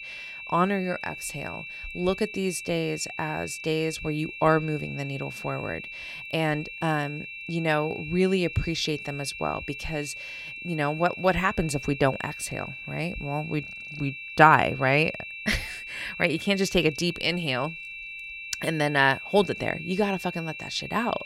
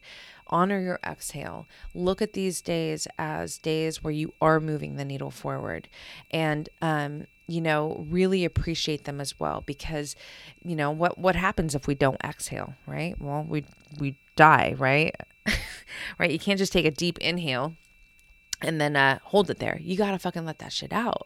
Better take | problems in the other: second | high-pitched whine; loud; throughout; 2.5 kHz, 10 dB below the speech; faint in the second

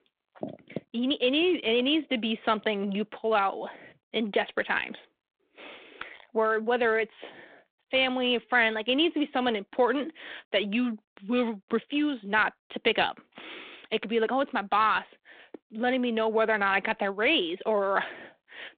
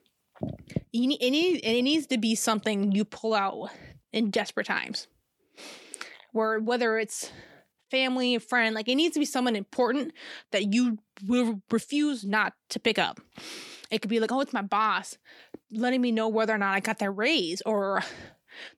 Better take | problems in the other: second | phone-call audio

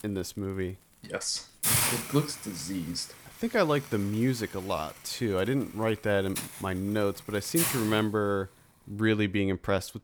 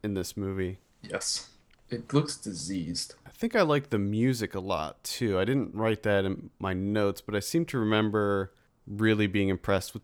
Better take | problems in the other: second | hiss; loud; throughout; as loud as the speech

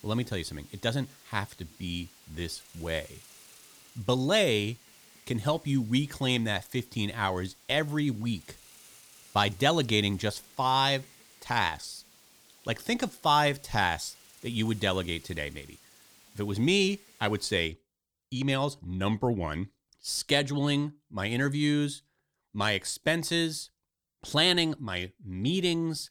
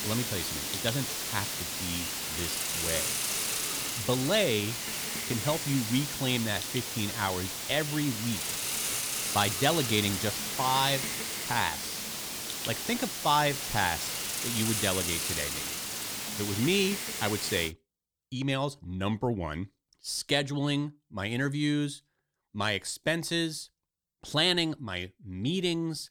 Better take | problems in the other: first | hiss; loud; until 18 s; 1 dB below the speech; faint in the first

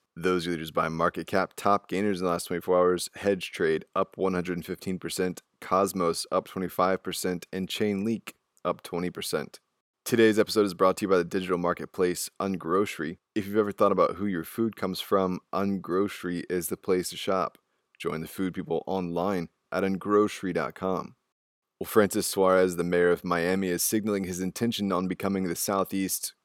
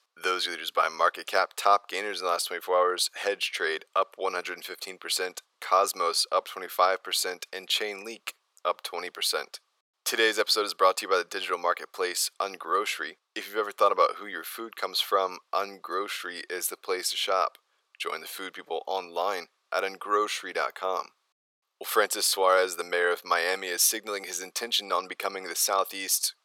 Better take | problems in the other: first | thin; very; fading below 600 Hz

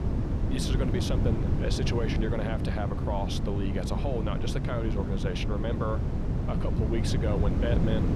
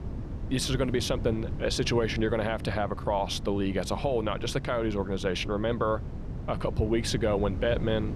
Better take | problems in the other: second | wind noise on the microphone; heavy; 3 dB below the speech; occasional gusts in the second

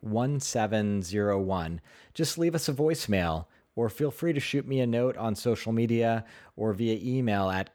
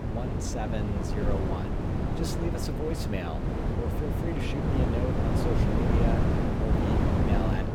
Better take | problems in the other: first | wind noise on the microphone; heavy; 3 dB above the speech

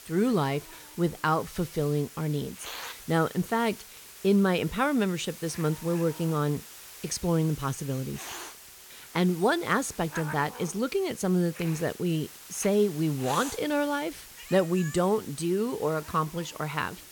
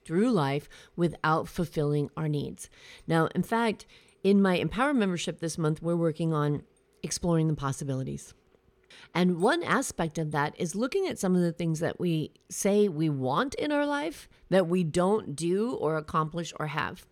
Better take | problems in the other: second | hiss; noticeable; throughout; 15 dB below the speech

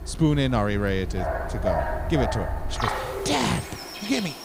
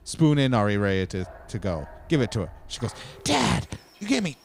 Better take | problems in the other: second | animal sounds; loud; throughout; 4 dB below the speech; faint in the second

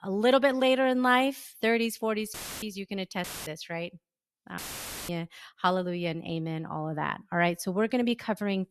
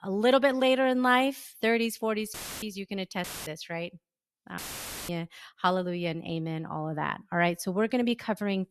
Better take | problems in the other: neither | audio cutting out; filled with static; at 2.5 s, at 3 s and at 4.5 s for 0.5 s; the same in both

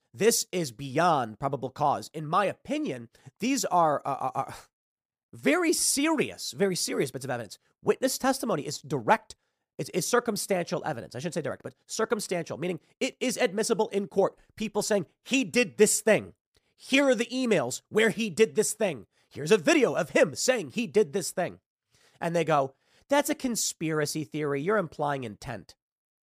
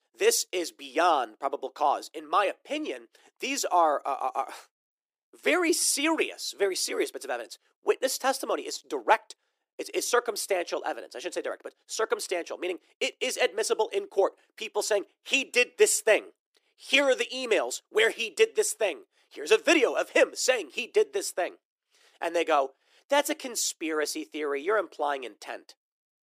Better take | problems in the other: first | thin; somewhat; fading below 350 Hz

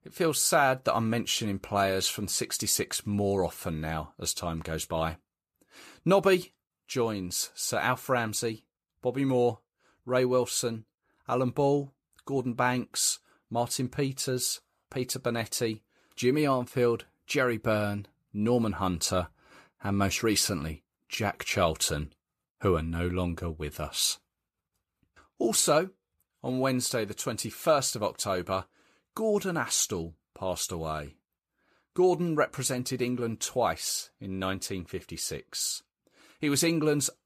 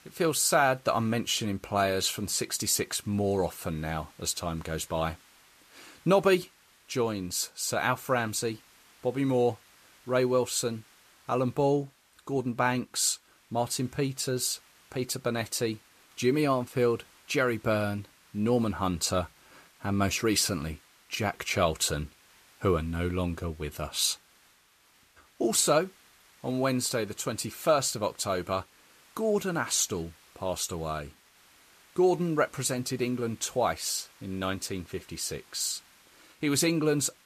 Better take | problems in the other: first | hiss; faint; throughout; 30 dB below the speech

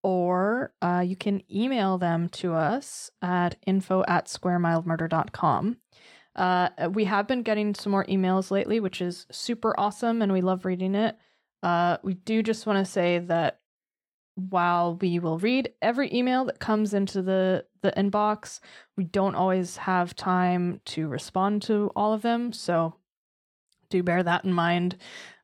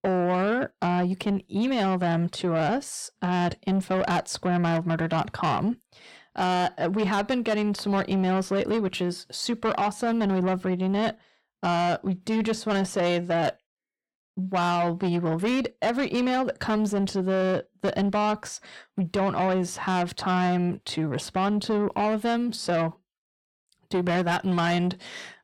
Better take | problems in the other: first | distortion; slight; 10 dB below the speech

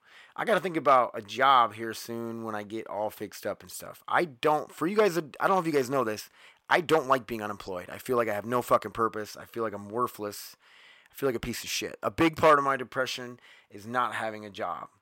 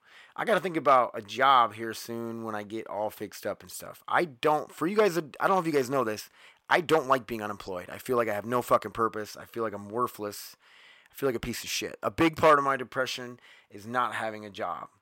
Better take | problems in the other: neither | thin; somewhat; fading below 650 Hz; the same in both

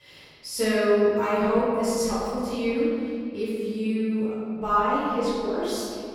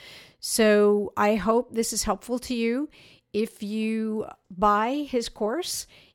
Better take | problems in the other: second | off-mic speech; far // room echo; strong; dies away in 2.3 s

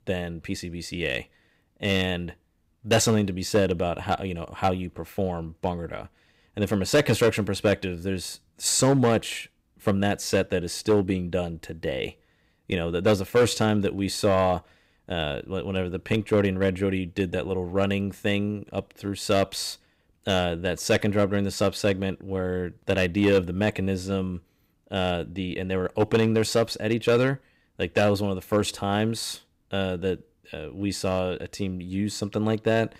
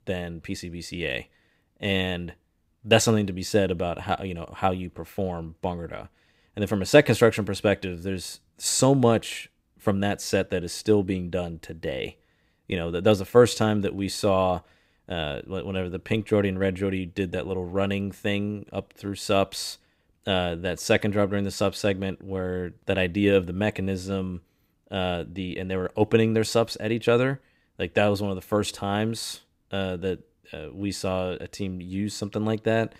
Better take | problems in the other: second | distortion; slight; 2% of the sound clipped

